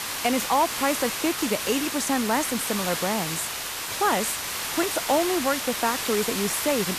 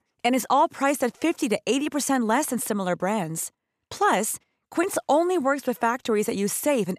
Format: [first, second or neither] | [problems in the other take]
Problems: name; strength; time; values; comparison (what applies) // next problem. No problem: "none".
second | hiss; loud; throughout; 2 dB below the speech